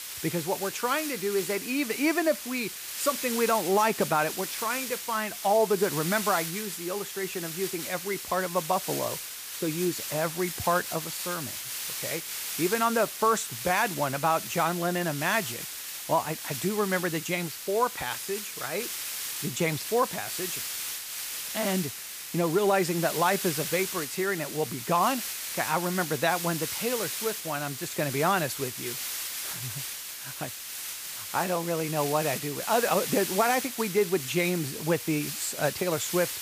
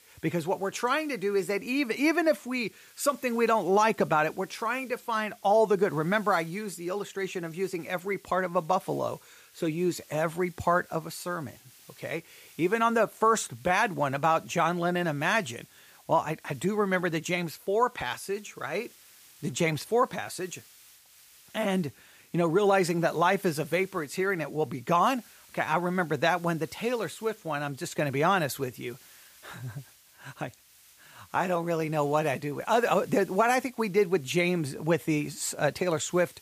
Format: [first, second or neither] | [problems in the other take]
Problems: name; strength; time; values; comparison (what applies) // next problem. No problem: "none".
second | hiss; loud; throughout; 5 dB below the speech; faint in the second